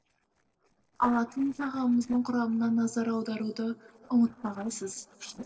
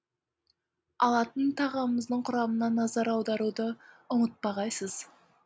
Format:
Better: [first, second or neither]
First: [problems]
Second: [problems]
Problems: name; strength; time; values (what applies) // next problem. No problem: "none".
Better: second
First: noise reduction (neural separator model SepFormer DNS4)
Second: none